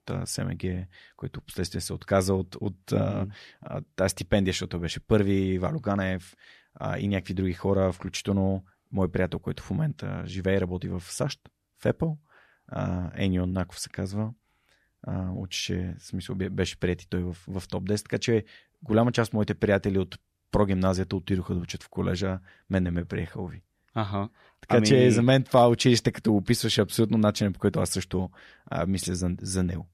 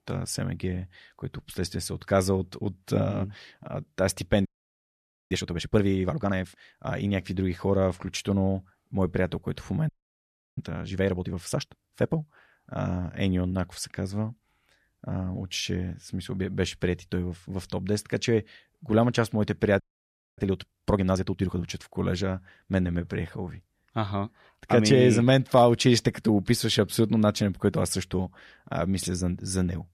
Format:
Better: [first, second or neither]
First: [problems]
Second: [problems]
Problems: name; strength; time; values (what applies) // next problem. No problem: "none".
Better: first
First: none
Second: audio freezing; at 4.5 s for 1 s, at 10 s for 0.5 s and at 20 s for 0.5 s